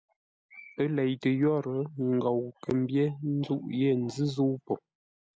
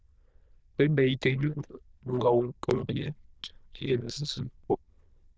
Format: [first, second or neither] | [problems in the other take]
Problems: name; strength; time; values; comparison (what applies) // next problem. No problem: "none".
first | noise reduction (neural diffusion model UNIVERSE++)